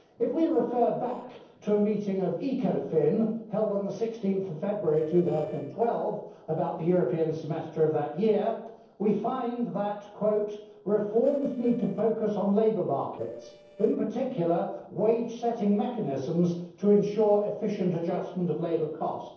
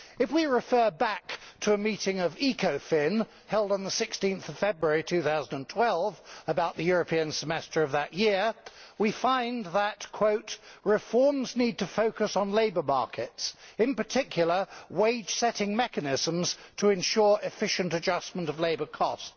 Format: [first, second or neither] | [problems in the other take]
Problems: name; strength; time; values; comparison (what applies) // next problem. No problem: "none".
second | noise reduction (neural separator model SepFormer DNS4)